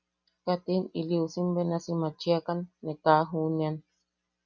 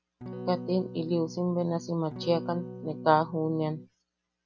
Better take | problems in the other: first | background sound (Electric guitar / Strum); 11 dB below the speech

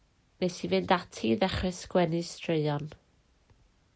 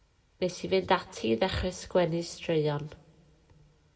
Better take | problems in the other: first | room echo; dies away in 0.8 s

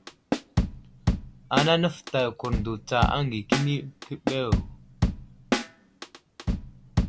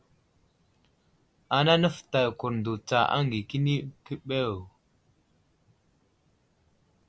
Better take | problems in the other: second | background sound (Drum / Drum kit); 1 dB above the speech

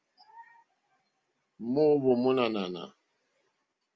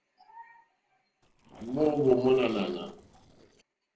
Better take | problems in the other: first | noise reduction (neural separator model SepFormer DNS4)

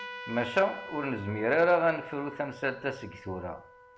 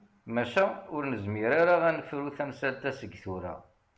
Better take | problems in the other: second | background sound (Trumpet); 15 dB below the speech

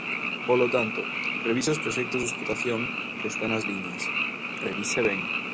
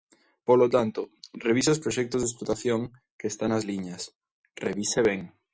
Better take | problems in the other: second | background sound (Frog); 1 dB below the speech

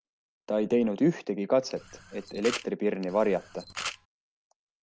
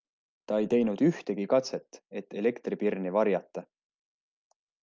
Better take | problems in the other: second | background sound (Camera); 11 dB below the speech

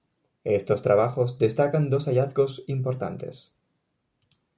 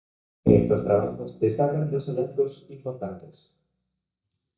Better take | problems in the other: first | noise reduction (neural mask model DeepFilterNet 3)

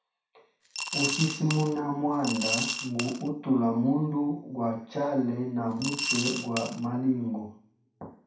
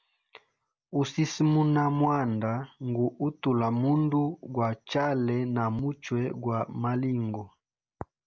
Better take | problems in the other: second | background sound (Coin (dropping) / Glass); 4 dB below the speech // room echo; dies away in 0.6 s

